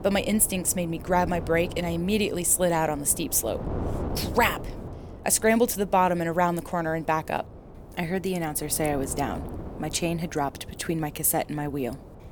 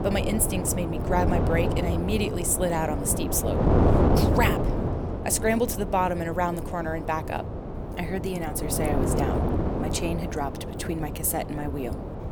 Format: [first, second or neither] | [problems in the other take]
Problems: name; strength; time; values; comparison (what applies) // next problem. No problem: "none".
first | wind noise on the microphone; heavy; 3 dB below the speech; occasional gusts in the first